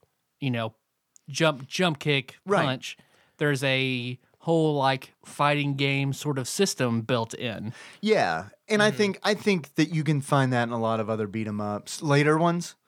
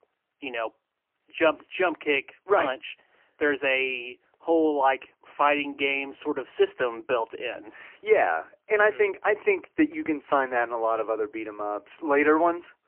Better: first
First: none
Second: phone-call audio; poor line; nothing above 3 kHz

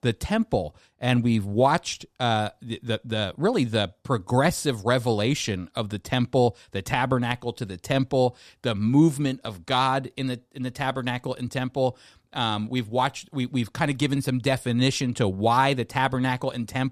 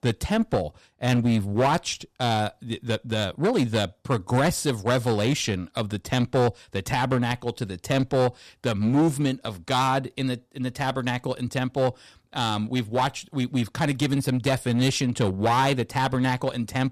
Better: first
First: none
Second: distortion; slight; 7% of the sound clipped

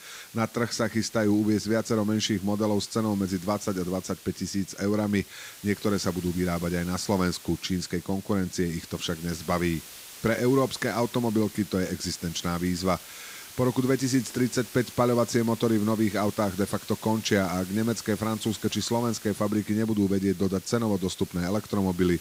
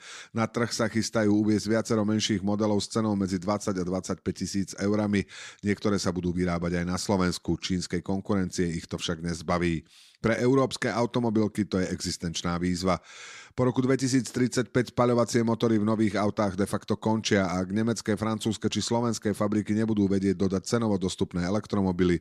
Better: second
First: hiss; noticeable; throughout; 15 dB below the speech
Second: none

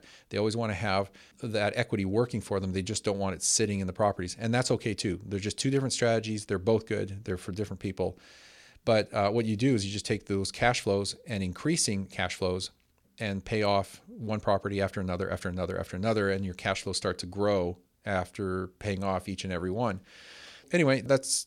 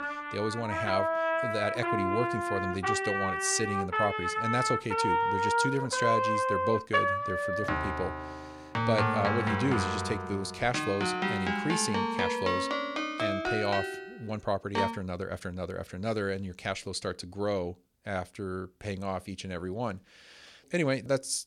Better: first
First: none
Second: background music; very loud; until 15 s; 3 dB above the speech

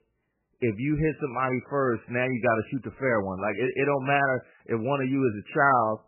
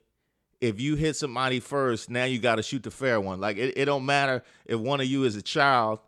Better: second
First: garbled, watery; badly; nothing above 3 kHz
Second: none

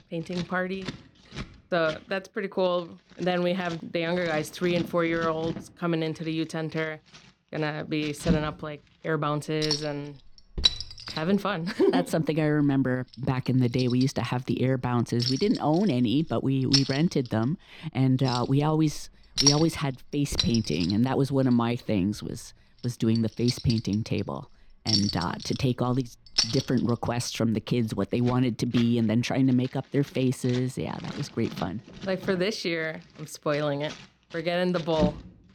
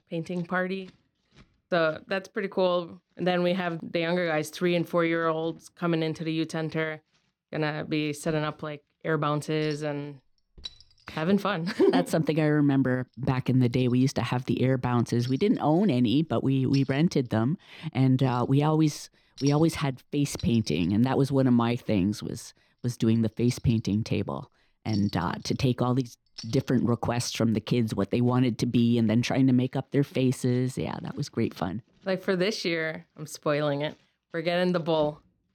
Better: second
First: household noises; loud; throughout; 4 dB below the speech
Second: household noises; faint; throughout; 25 dB below the speech

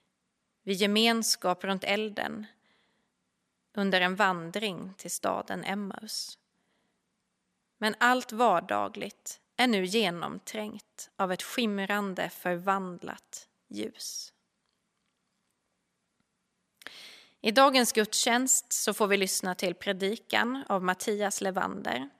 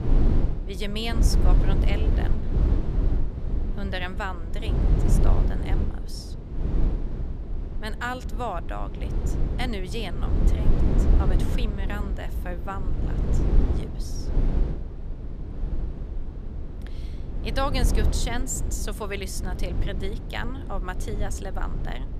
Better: first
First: none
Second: low rumble; loud; throughout; 5 dB below the speech

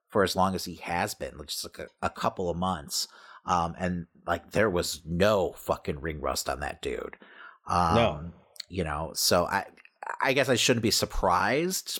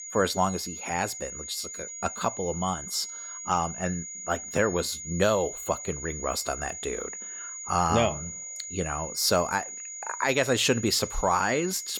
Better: first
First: none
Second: high-pitched whine; loud; throughout; 7 kHz, 8 dB below the speech

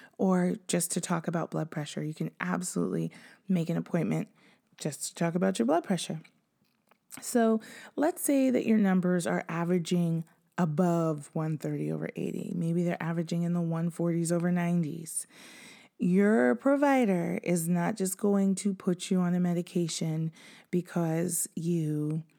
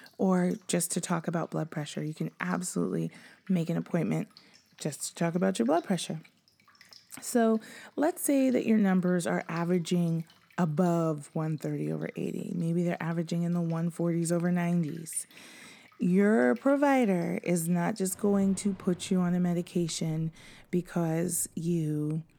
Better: first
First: none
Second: rain or running water; faint; throughout; 30 dB below the speech

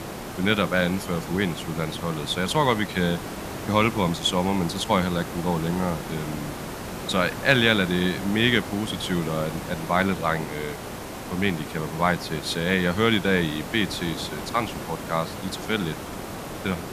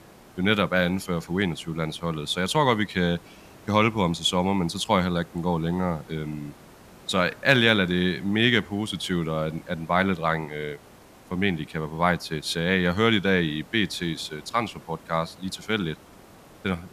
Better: second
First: hiss; loud; throughout; 9 dB below the speech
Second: hiss; faint; throughout; 25 dB below the speech

